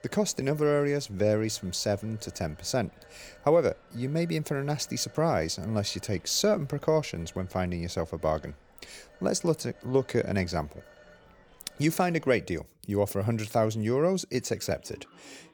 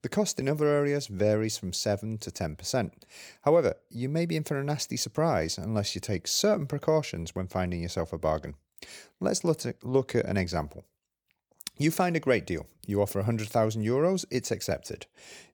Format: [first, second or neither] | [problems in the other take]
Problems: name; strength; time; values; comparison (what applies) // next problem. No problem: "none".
second | alarms or sirens; faint; throughout; 25 dB below the speech